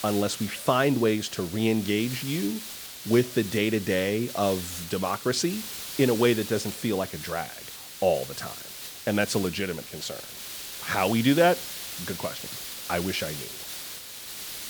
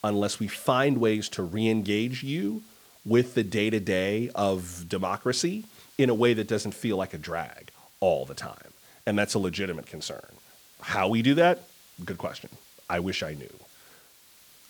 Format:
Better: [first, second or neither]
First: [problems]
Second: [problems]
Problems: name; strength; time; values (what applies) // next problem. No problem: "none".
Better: second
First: hiss; loud; throughout; 9 dB below the speech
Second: hiss; faint; throughout; 25 dB below the speech